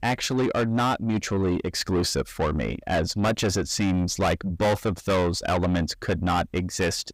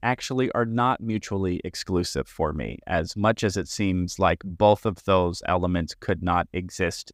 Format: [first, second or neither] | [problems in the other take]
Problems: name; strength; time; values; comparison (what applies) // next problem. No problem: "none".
second | distortion; heavy; 6 dB below the speech